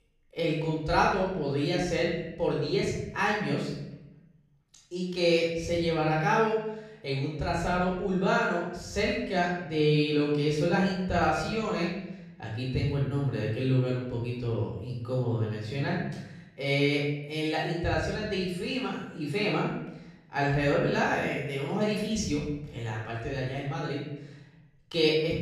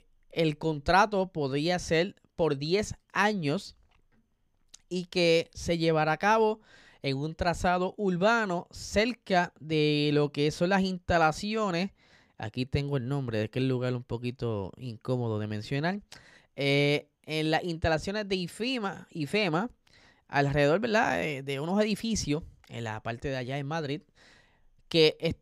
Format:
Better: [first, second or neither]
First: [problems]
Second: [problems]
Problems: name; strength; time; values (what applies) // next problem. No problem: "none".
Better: second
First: off-mic speech; far // room echo; noticeable; dies away in 0.8 s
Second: none